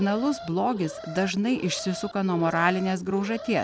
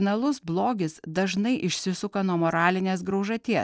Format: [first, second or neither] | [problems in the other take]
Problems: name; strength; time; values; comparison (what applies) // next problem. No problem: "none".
second | background sound (Alarm); 13 dB below the speech